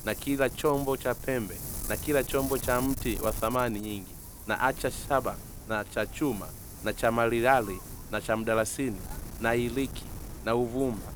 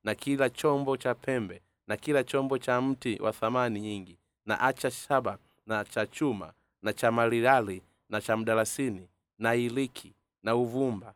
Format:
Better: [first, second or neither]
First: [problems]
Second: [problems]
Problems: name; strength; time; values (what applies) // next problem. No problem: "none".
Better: second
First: wind noise on the microphone; occasional gusts; 15 dB below the speech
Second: none